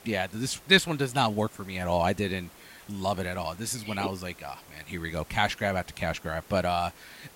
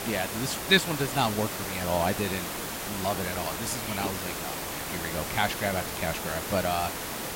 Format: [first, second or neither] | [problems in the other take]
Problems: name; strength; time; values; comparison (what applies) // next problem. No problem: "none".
first | hiss; loud; throughout; 3 dB below the speech; faint in the first